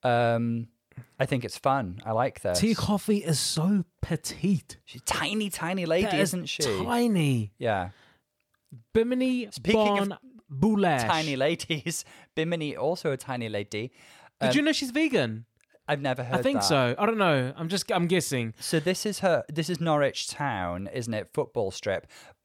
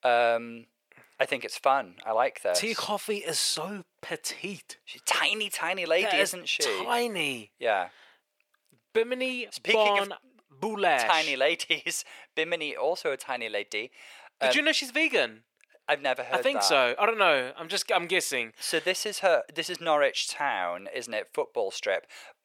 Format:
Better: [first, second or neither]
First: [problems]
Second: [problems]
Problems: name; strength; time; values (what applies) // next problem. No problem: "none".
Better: first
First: none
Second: thin; very; fading below 550 Hz